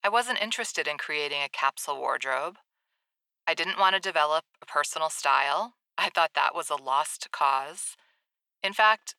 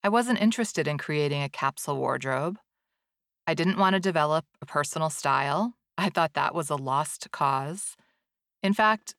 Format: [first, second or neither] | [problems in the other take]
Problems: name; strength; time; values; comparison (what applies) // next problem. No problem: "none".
second | thin; very; fading below 700 Hz